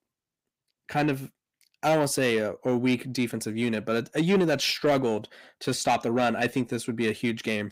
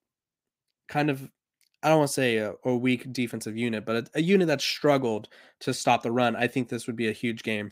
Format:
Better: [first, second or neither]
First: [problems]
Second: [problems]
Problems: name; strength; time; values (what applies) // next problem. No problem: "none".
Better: second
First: distortion; slight; 10 dB below the speech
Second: none